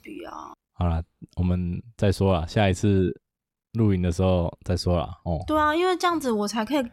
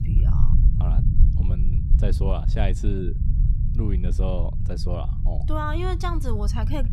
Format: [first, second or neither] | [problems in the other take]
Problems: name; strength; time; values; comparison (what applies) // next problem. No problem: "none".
first | low rumble; loud; throughout; 7 dB below the speech